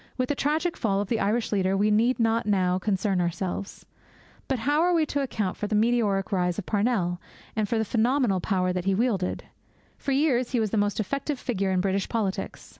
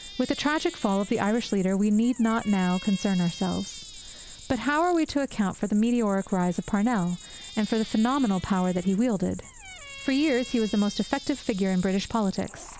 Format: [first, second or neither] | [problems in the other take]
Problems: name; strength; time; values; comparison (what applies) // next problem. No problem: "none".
first | background sound (Squeak + Cricket); 16 dB below the speech